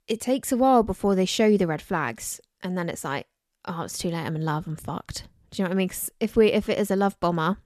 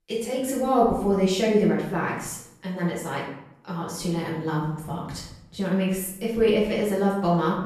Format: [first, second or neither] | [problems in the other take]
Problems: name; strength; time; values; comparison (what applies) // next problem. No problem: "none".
first | off-mic speech; far // room echo; noticeable; dies away in 0.6 s